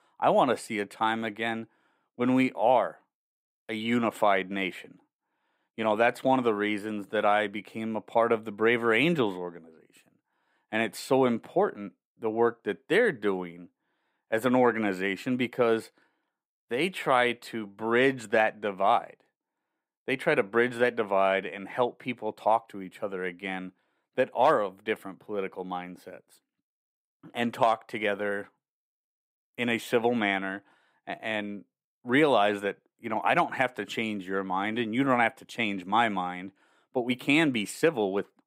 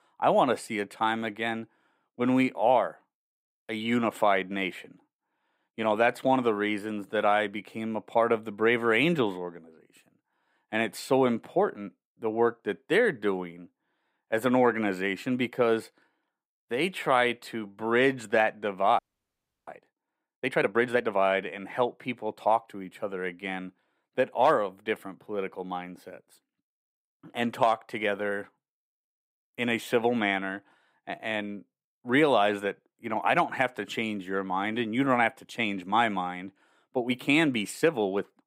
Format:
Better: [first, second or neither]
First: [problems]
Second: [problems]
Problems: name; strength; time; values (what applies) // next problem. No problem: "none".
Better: first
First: none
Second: audio freezing; at 19 s for 0.5 s